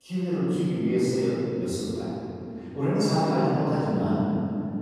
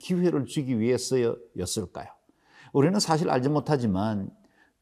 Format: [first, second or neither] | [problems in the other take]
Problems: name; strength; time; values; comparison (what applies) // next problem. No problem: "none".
second | off-mic speech; far // room echo; strong; dies away in 3 s